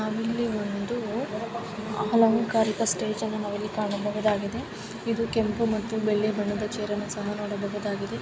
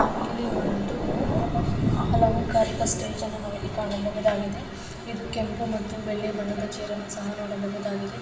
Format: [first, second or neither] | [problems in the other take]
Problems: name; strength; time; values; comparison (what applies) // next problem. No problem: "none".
first | background sound (Thunder); 2 dB below the speech // room echo; dies away in 1.3 s